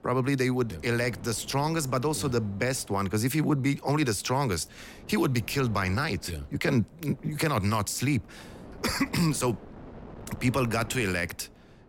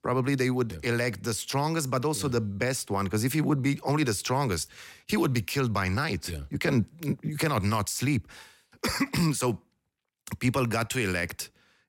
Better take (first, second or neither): second